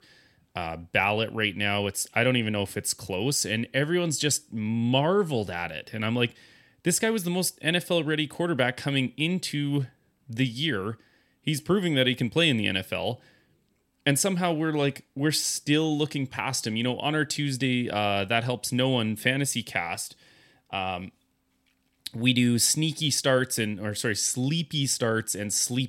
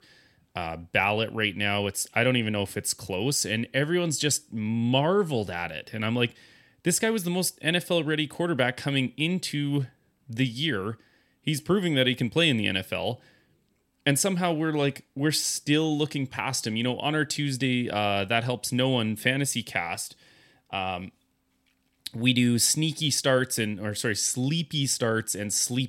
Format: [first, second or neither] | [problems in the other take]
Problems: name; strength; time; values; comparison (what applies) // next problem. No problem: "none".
neither | none